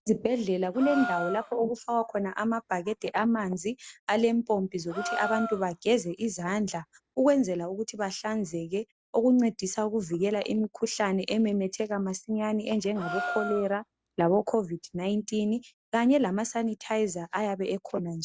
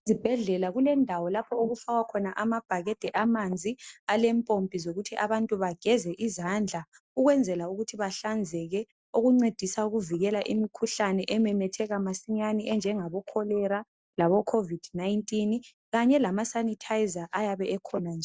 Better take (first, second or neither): second